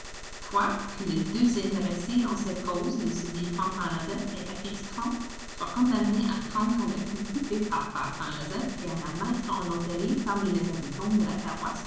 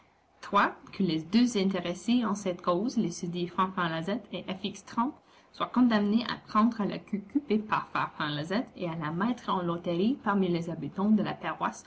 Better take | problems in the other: second | background sound (Gunshot, gunfire); 11 dB below the speech // room echo; dies away in 1 s

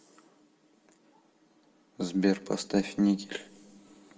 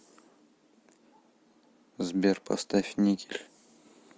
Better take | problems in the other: second | room echo; dies away in 1.7 s

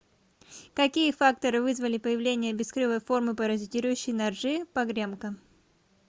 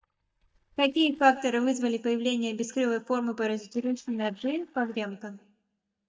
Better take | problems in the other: first | noise reduction (neural mask model DeepFilterNet 3)

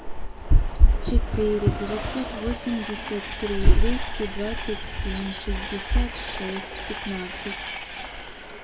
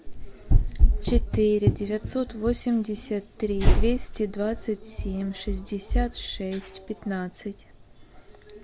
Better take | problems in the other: second | background sound (Train); 12 dB below the speech // room echo; dies away in 2.3 s

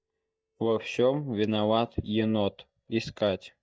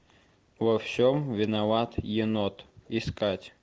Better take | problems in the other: second | noise reduction (neural mask model DeepFilterNet 3)

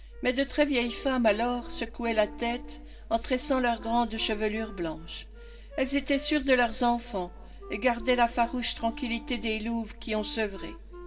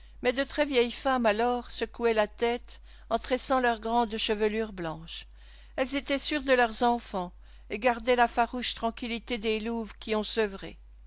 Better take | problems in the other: second | background sound (Wind instrument, woodwind instrument); 19 dB below the speech // room echo; dies away in 2.1 s

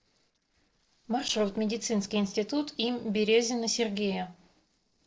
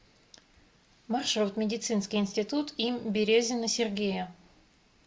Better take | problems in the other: second | noise reduction (neural separator model SepFormer DNS4)

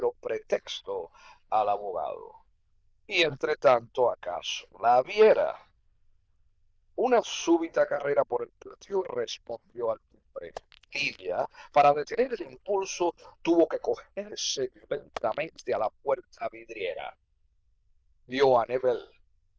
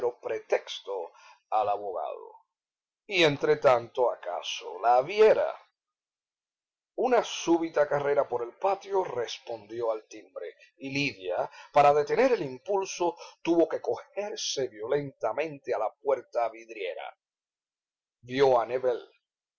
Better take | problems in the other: second | noise reduction (neural diffusion model UNIVERSE++)

